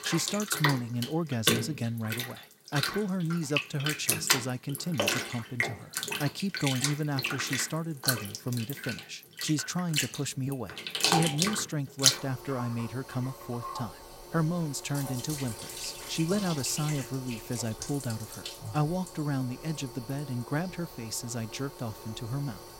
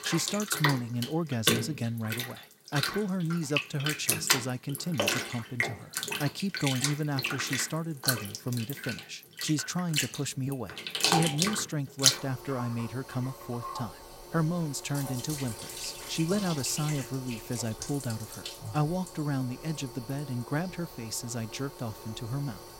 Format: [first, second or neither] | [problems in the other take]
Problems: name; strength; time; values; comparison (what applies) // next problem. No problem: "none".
neither | household noises; very loud; throughout; 1 dB above the speech; the same in both